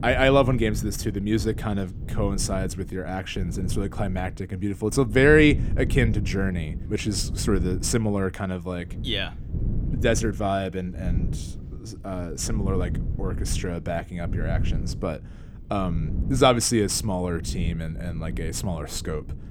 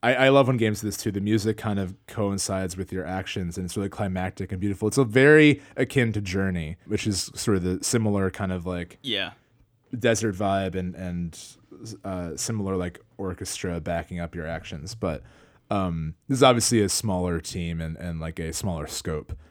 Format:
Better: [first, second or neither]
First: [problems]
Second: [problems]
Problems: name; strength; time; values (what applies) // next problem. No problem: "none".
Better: second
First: wind noise on the microphone; occasional gusts; 15 dB below the speech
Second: none